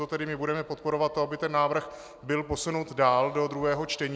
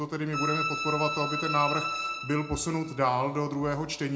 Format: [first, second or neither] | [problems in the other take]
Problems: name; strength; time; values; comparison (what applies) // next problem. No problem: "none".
first | background sound (Bowed string instrument); 3 dB below the speech // room echo; dies away in 0.3 s